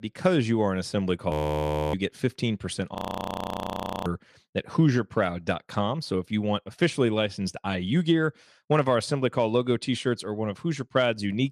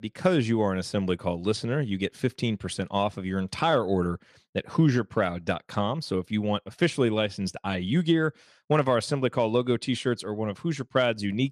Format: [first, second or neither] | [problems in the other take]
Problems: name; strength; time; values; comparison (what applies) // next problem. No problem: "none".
second | audio freezing; at 1.5 s for 0.5 s and at 3 s for 1 s